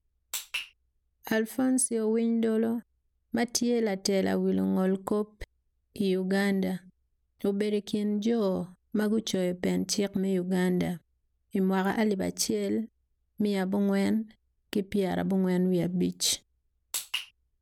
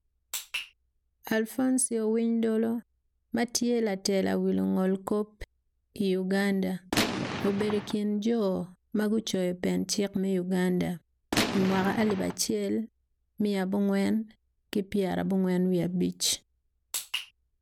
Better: first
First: none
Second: background sound (Gunshot, gunfire); 3 dB below the speech

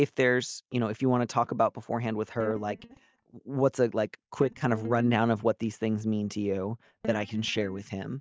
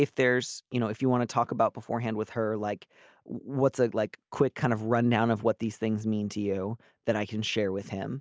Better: second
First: noise reduction (neural mask model DeepFilterNet 3)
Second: none

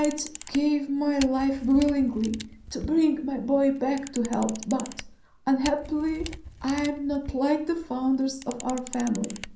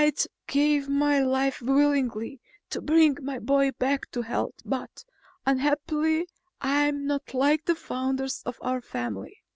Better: second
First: background sound (Camera); 15 dB below the speech // room echo; dies away in 0.6 s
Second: none

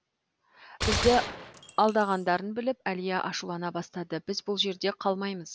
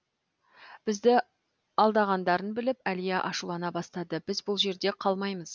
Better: second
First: background sound (Gunshot, gunfire); 5 dB below the speech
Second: none

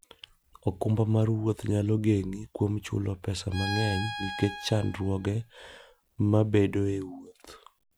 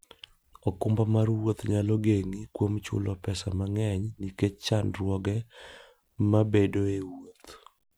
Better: second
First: background sound (Bowed string instrument); 10 dB below the speech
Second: none

